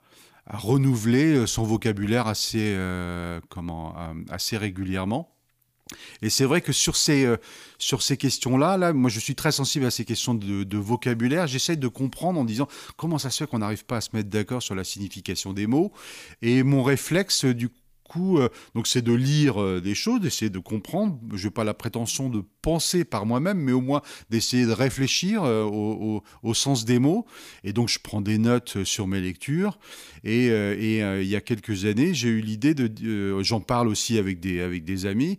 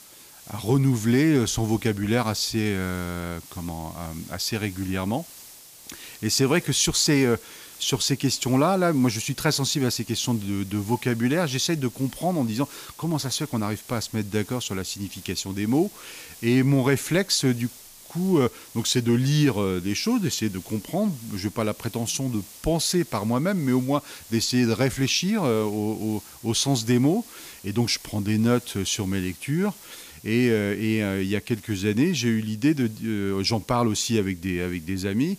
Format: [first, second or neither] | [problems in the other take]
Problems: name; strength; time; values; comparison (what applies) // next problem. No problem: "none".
first | hiss; noticeable; throughout; 20 dB below the speech